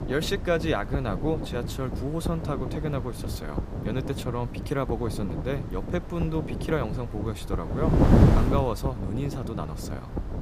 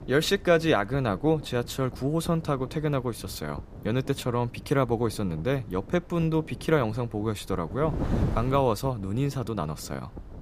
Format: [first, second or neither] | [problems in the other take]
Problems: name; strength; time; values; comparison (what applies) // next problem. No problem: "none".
second | wind noise on the microphone; heavy; 3 dB below the speech; occasional gusts in the second